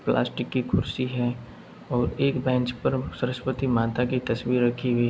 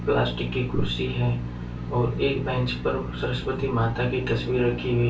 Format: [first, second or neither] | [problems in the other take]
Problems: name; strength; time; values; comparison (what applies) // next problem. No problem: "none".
first | background sound (Drill); 7 dB below the speech // room echo; dies away in 0.2 s